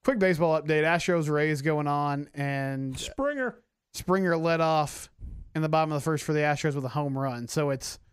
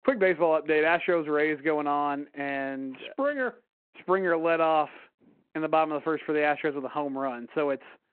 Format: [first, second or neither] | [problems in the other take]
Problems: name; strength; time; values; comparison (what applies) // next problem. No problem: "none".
first | phone-call audio